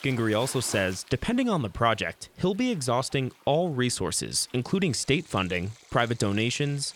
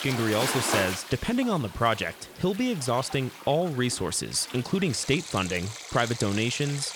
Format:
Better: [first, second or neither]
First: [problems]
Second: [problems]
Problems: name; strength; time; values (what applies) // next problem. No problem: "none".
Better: first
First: rain or running water; faint; throughout; 20 dB below the speech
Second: rain or running water; loud; throughout; 8 dB below the speech